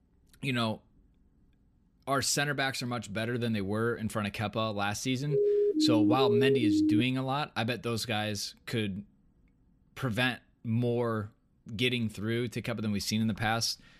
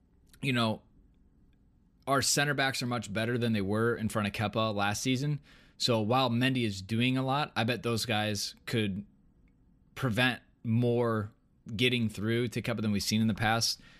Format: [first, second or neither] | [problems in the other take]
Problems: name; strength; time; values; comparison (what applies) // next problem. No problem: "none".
second | siren; loud; from 5.5 to 7 s; peak 5 dB above the speech